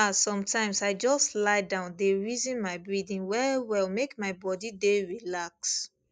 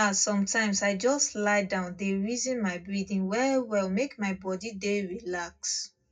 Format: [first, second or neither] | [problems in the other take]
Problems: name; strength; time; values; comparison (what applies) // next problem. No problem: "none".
first | room echo; dies away in 0.3 s